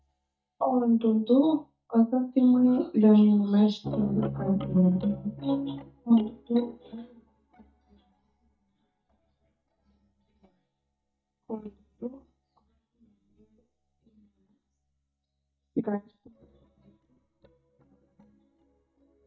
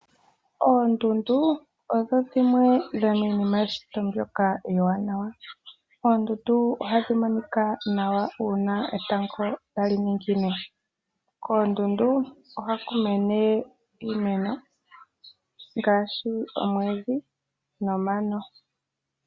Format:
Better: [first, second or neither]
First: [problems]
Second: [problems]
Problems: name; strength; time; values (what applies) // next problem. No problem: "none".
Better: second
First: noise reduction (neural mask model DeepFilterNet 3)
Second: none